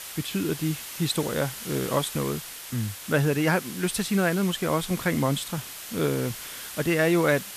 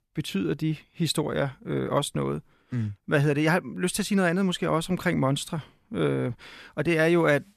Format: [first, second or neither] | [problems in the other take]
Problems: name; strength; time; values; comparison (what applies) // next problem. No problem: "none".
second | hiss; loud; throughout; 10 dB below the speech